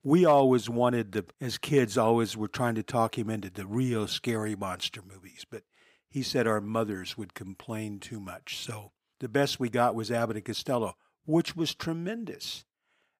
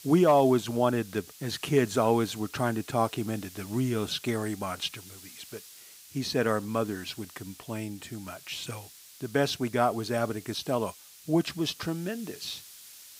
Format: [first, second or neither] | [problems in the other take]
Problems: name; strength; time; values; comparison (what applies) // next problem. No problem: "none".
first | hiss; noticeable; throughout; 20 dB below the speech